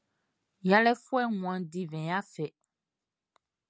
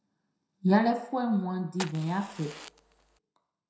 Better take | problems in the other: first | background sound (Fire); 14 dB below the speech // room echo; dies away in 0.6 s

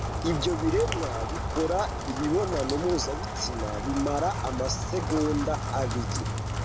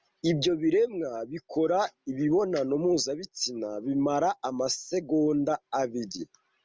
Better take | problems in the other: second | background sound (Rain); 1 dB below the speech

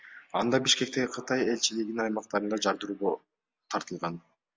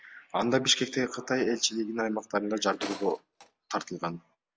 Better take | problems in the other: first | background sound (Tools); 14 dB below the speech

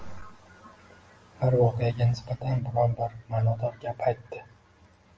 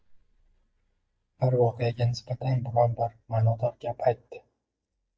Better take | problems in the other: first | noise reduction (neural mask model DeepFilterNet 3)

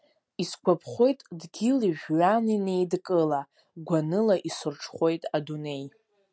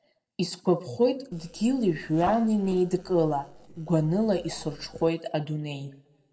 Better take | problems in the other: first | noise reduction (neural separator model SepFormer DNS4)

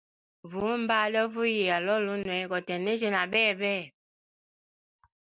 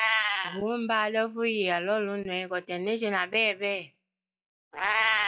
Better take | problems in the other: first | noise reduction (classical method log-MMSE)

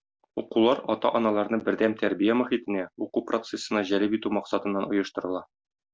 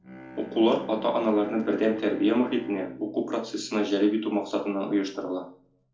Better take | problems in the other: first | background sound (Bowed string instrument); 18 dB below the speech // room echo; dies away in 0.4 s

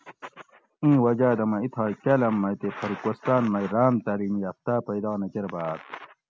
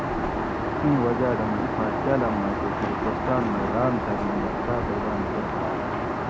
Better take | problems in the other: first | background sound (Aircraft); 1 dB above the speech

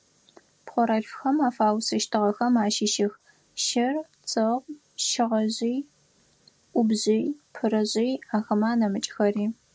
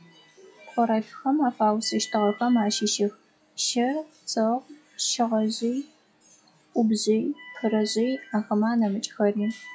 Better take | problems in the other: first | noise reduction (classical method log-MMSE)

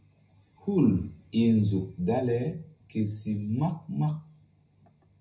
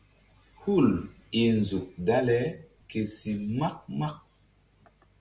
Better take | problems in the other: second | room echo; dies away in 0.4 s

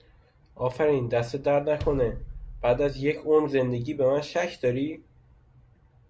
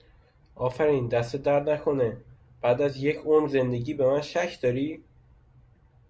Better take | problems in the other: second | background sound (Bass drum); 12 dB below the speech

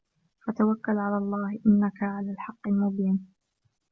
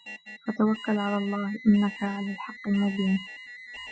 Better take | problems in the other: first | noise reduction (classical method Wiener filter)

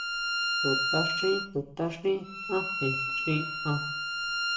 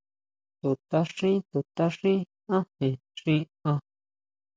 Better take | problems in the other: second | background sound (Bowed string instrument); 1 dB above the speech // room echo; dies away in 0.5 s

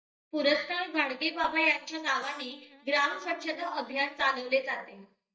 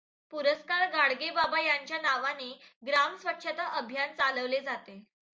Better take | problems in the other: second | noise reduction (neural mask model DeepFilterNet 3)

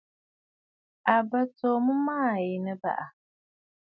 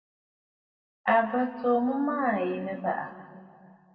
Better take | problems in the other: first | room echo; dies away in 2.1 s

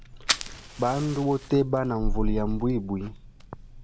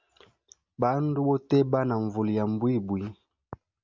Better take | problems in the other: second | background sound (Fire); 3 dB below the speech

